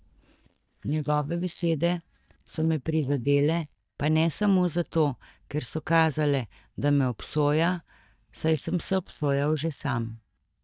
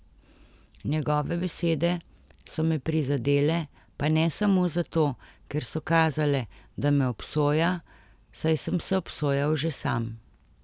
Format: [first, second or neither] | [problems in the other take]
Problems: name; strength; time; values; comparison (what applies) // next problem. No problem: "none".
second | noise reduction (neural mask model DeepFilterNet 3)